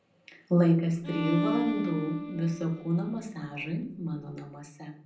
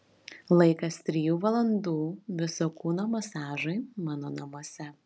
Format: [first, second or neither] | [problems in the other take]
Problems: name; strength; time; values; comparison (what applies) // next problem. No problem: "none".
second | background sound (Bowed string instrument); 6 dB below the speech // room echo; dies away in 0.6 s